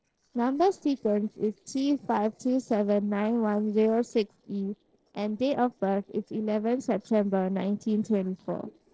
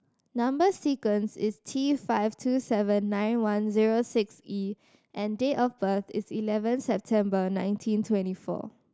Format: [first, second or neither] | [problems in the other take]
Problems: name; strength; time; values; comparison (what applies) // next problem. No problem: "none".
second | noise reduction (neural separator model SepFormer DNS4)